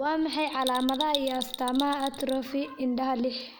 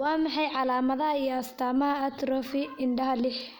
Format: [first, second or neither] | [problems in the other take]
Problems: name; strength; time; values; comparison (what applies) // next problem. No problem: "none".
second | background sound (Bell); 10 dB below the speech